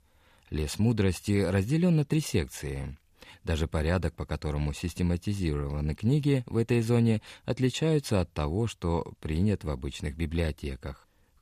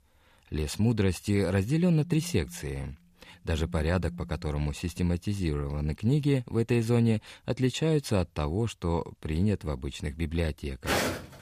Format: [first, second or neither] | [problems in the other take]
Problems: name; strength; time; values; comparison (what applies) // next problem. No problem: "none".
first | phone ringing; faint; from 2 to 4.5 s; peak 15 dB below the speech // footsteps; loud; at 11 s; peak 1 dB above the speech